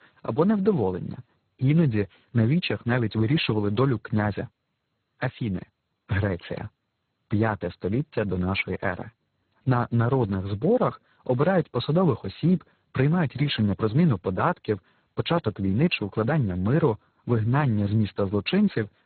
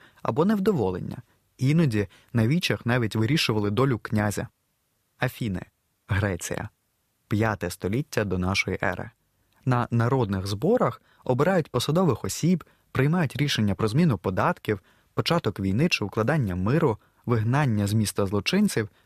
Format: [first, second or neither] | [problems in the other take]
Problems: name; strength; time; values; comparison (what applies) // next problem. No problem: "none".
second | garbled, watery; badly; nothing above 4 kHz